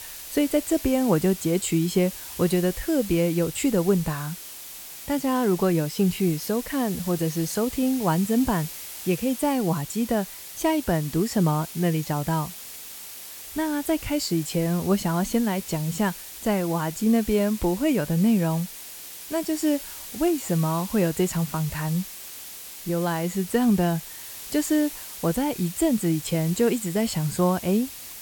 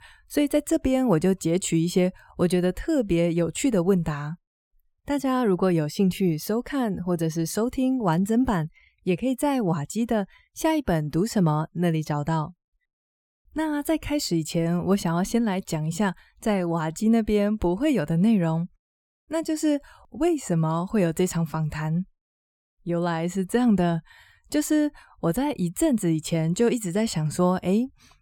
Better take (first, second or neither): second